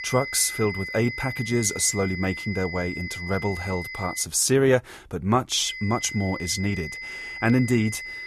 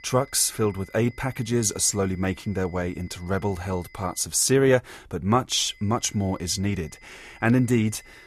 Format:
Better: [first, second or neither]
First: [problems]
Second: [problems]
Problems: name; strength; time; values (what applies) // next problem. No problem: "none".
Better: second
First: high-pitched whine; loud; until 4 s and from 5.5 s on; 2 kHz, 9 dB below the speech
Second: high-pitched whine; faint; until 4 s and from 5.5 s on; 2 kHz, 25 dB below the speech